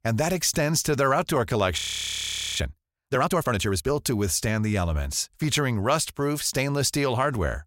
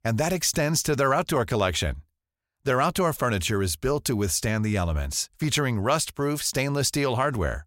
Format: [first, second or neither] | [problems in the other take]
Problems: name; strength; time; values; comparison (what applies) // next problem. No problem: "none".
second | audio freezing; at 2 s for 1 s